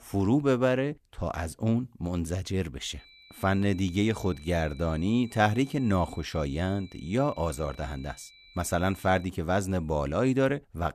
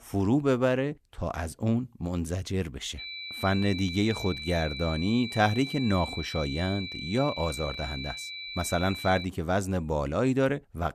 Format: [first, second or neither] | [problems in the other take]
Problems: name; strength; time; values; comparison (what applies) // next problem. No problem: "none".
first | high-pitched whine; loud; from 3 to 9 s; 2.5 kHz, 8 dB below the speech; faint in the first